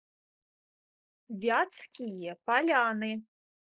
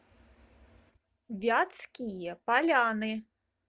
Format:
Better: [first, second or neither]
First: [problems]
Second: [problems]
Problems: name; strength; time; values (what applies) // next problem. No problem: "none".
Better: second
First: noise reduction (neural mask model Resemble Enhance denoiser)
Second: none